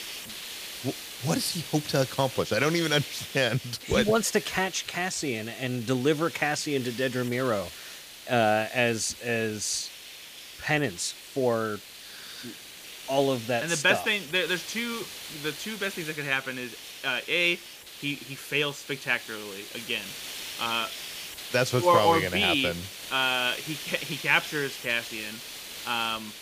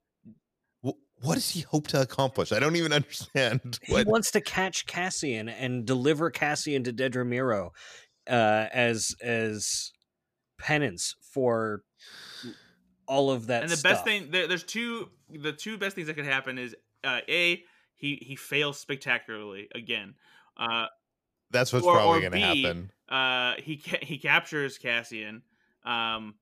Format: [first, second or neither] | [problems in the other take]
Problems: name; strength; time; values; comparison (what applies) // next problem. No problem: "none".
second | hiss; noticeable; throughout; 10 dB below the speech